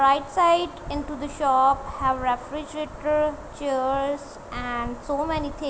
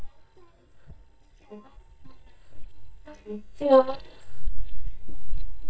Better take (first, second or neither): first